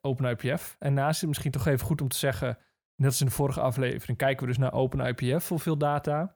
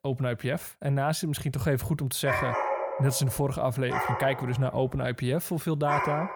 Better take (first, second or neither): first